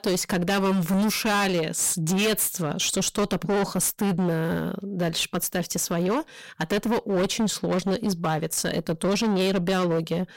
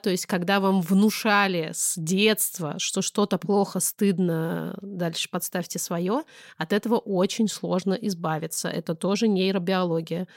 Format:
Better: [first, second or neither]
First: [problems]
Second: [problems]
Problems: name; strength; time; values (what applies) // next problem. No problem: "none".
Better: second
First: distortion; heavy; 22% of the sound clipped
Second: none